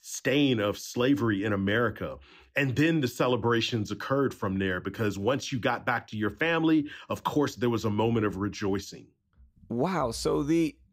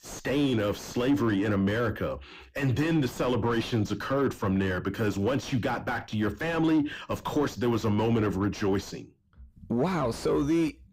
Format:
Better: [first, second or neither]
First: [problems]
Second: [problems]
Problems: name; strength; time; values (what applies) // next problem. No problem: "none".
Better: first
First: none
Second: distortion; heavy; 7 dB below the speech